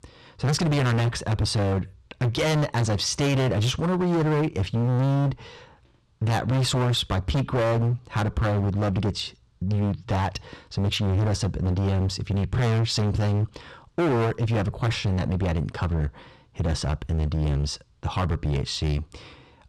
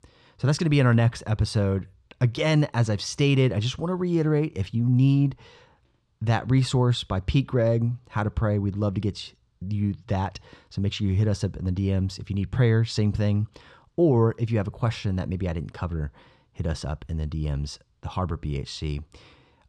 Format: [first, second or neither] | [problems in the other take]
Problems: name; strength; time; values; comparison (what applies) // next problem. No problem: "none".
second | distortion; heavy; 27% of the sound clipped